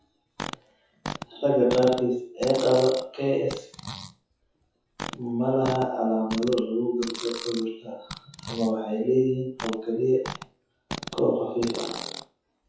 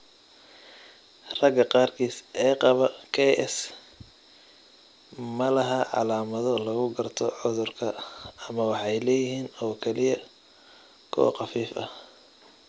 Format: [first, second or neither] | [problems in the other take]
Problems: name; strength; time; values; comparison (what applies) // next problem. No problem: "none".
second | noise reduction (classical method WPE with log-MMSE)